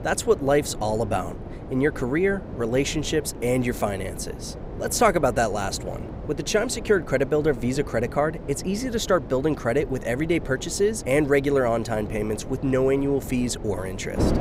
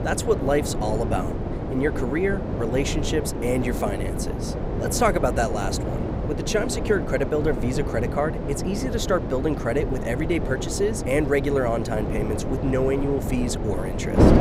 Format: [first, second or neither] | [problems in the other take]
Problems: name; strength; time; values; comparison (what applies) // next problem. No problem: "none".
first | wind noise on the microphone; heavy; 5 dB below the speech; occasional gusts in the first